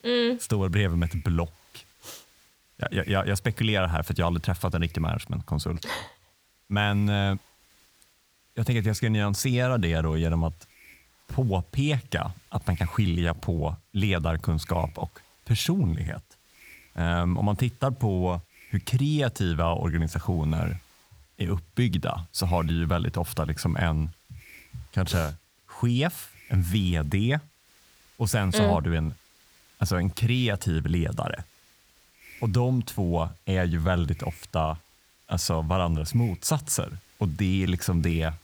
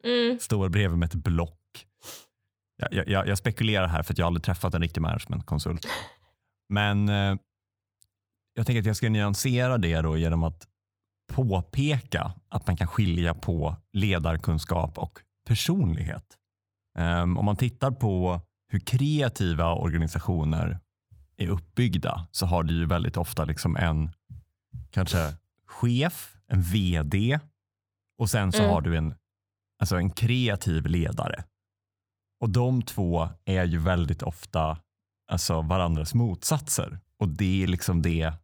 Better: second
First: hiss; faint; throughout; 30 dB below the speech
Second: none

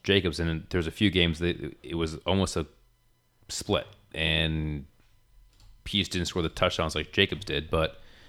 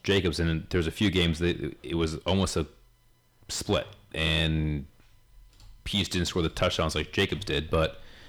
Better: first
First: none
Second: distortion; slight; 10 dB below the speech

